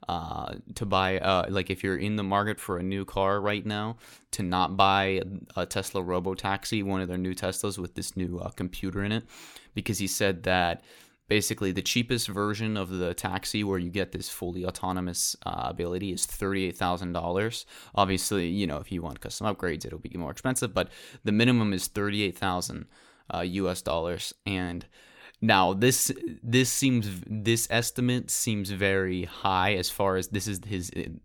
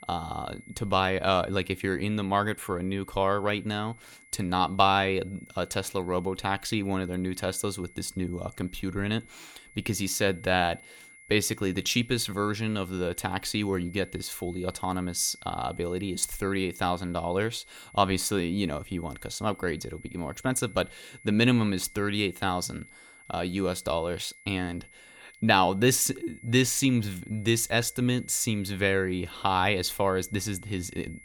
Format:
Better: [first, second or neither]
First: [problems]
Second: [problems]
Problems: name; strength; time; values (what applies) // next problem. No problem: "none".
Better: first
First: none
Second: high-pitched whine; faint; throughout; 2 kHz, 25 dB below the speech